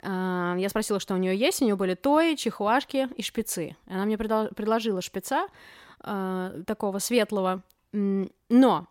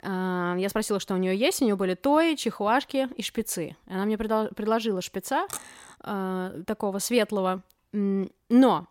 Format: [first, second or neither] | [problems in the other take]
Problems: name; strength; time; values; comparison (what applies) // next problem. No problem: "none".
first | clattering dishes; faint; at 5.5 s; peak 10 dB below the speech